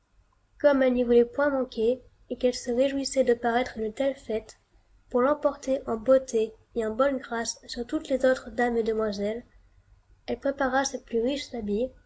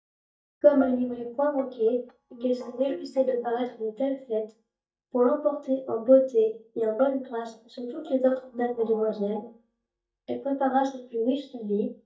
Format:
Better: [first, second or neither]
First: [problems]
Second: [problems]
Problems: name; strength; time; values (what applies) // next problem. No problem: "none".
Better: first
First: none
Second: noise reduction (neural mask model DeepFilterNet 3)